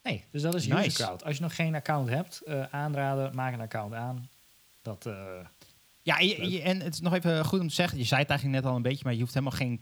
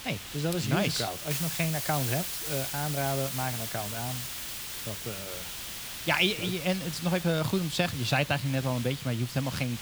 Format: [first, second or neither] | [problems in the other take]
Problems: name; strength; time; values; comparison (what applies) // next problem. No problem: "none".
first | hiss; loud; throughout; 5 dB below the speech; faint in the first